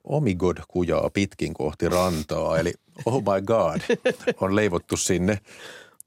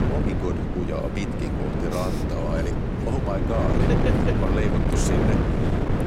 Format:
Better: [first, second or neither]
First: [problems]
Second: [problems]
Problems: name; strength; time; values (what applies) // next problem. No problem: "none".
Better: first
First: none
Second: wind noise on the microphone; heavy; 2 dB above the speech